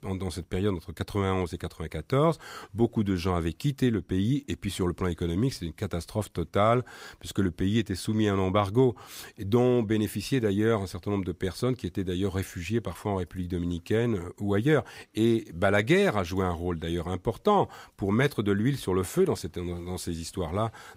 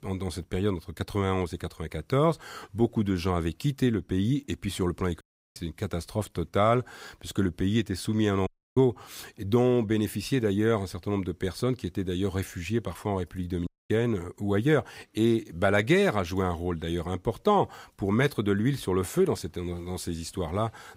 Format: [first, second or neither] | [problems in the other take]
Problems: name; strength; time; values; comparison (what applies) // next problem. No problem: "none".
first | audio cutting out; at 5 s, at 8.5 s and at 14 s